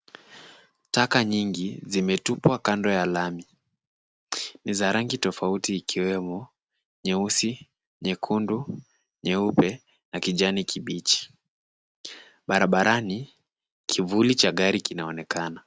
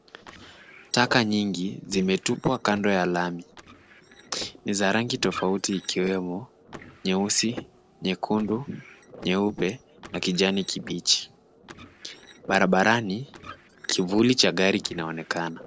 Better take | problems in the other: first | noise reduction (neural separator model SepFormer DNS4)

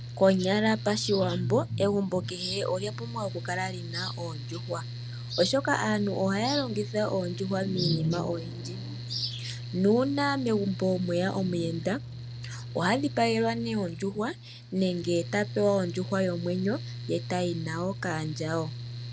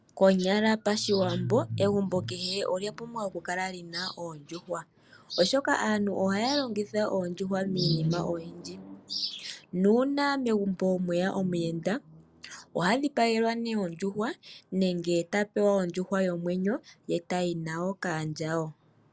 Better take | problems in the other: second | background sound (Mechanical fan); 9 dB below the speech

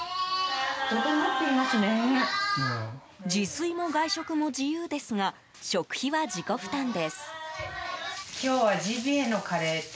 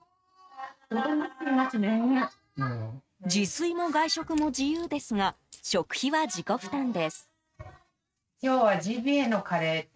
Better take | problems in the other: first | noise reduction (neural mask model RNNoise)

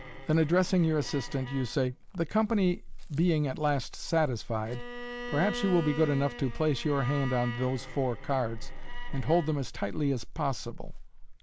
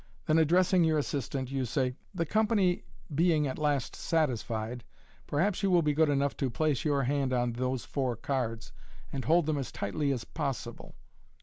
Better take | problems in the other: second | background sound (Chirp, tweet + Bowed string instrument); 12 dB below the speech

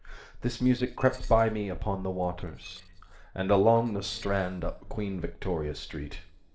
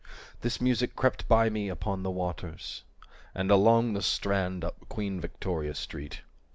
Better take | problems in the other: second | noise reduction (neural separator model SepFormer DNS4)

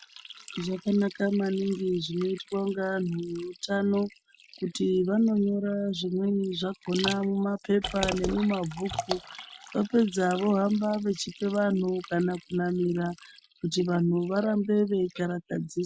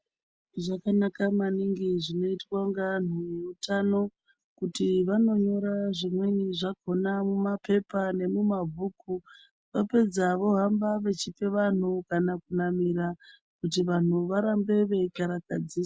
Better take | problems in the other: second | background sound (Liquid); 15 dB below the speech

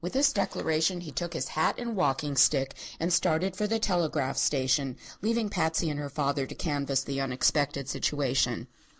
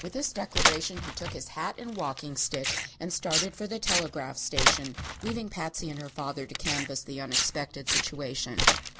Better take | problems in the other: first | background sound (Tearing); 3 dB above the speech

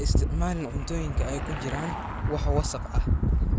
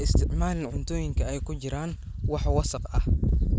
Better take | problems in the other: second | background sound (Car passing by / Engine); 13 dB below the speech

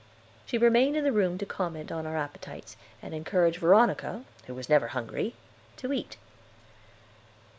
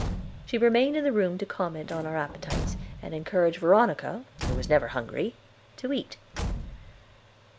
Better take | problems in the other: first | background sound (Slam / Truck / Car); 9 dB below the speech

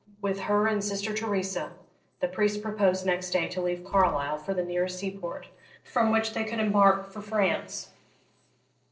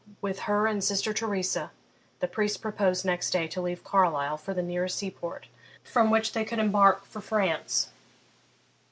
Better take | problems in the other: second | noise reduction (neural separator model SepFormer DNS4)

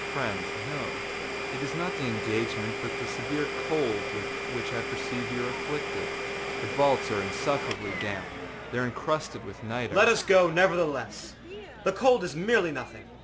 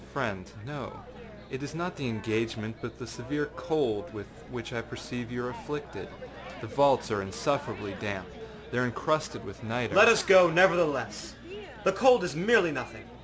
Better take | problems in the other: second | background sound (Domestic sounds, home sounds); 6 dB below the speech

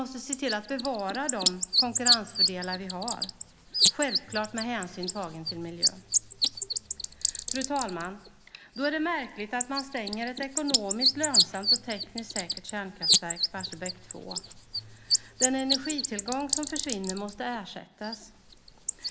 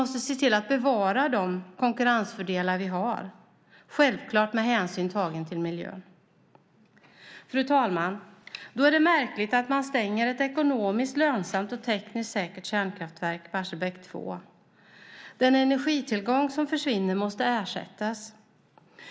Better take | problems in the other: second | background sound (Bird); 4 dB above the speech

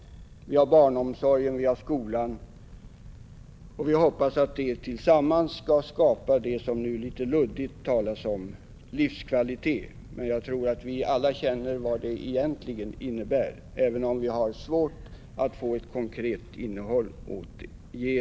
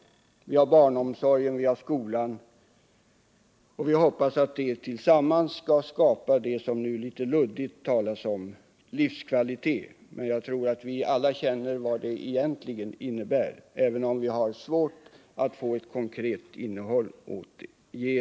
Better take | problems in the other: second | background sound (Fire); 18 dB below the speech

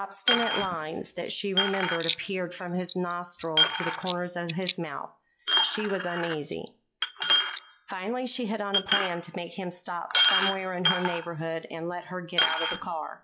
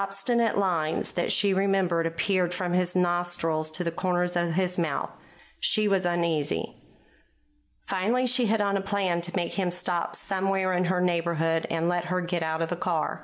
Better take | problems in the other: second | noise reduction (classical method log-MMSE)

